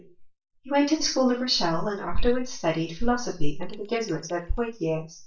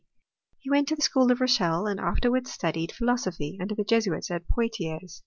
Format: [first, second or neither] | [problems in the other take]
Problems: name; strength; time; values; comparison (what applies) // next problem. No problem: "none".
second | noise reduction (neural mask model DeepFilterNet 3)